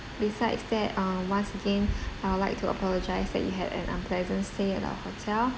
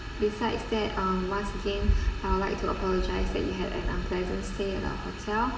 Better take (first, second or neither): first